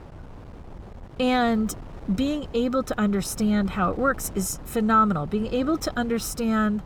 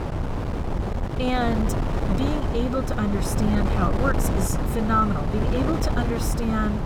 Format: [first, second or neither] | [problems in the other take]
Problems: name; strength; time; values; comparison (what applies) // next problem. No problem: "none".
first | wind noise on the microphone; heavy; 3 dB below the speech; occasional gusts in the first